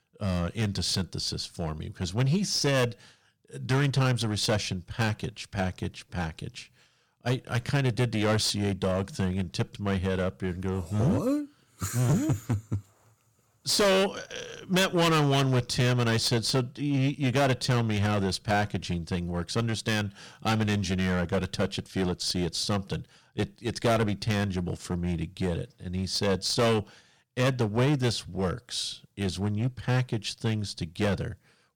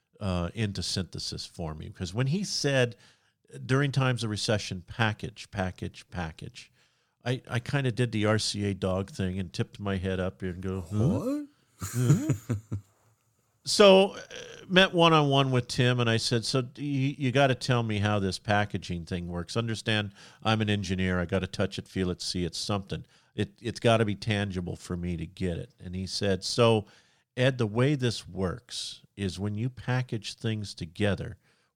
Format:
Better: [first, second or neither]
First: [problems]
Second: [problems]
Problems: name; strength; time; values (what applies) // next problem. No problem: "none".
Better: second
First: distortion; heavy; 9% of the sound clipped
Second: none